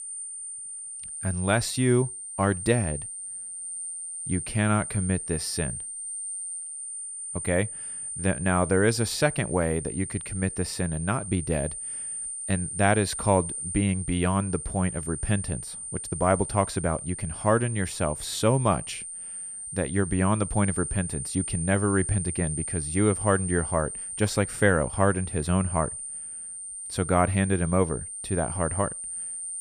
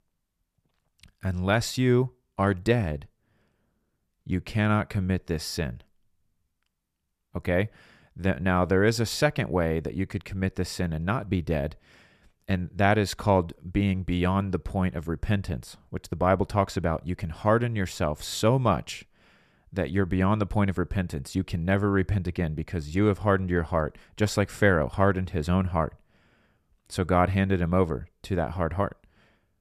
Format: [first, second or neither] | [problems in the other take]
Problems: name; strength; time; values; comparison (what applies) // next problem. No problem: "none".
second | high-pitched whine; loud; throughout; 9 kHz, 6 dB below the speech